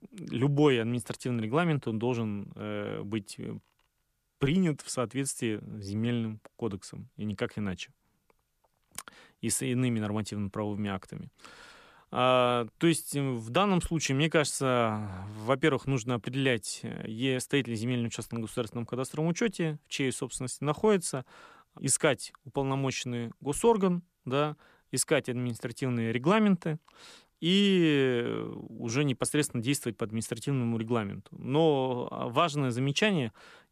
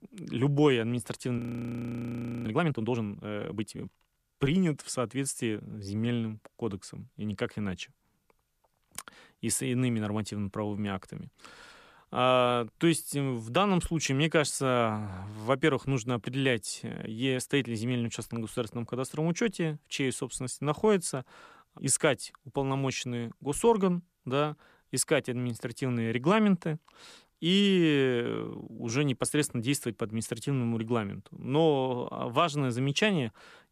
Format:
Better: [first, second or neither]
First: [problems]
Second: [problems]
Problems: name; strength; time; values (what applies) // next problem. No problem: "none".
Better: first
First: none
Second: audio freezing; at 1.5 s for 1 s